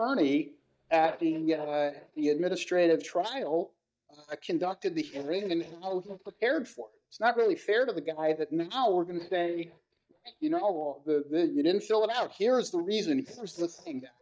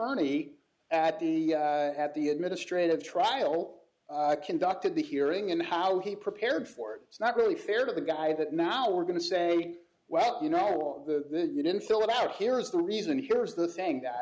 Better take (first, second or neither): second